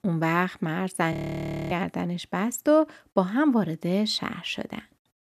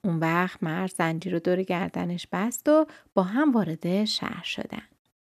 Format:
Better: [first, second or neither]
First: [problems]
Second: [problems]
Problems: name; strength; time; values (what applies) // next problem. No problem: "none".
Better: second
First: audio freezing; at 1 s for 0.5 s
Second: none